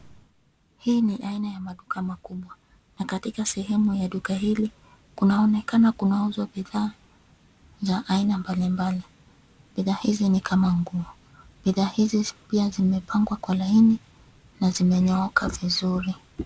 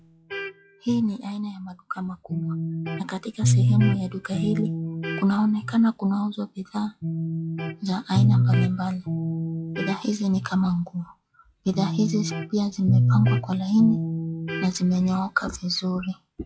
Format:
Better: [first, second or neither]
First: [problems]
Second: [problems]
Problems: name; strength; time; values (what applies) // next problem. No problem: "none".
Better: first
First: none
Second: noise reduction (classical method log-MMSE)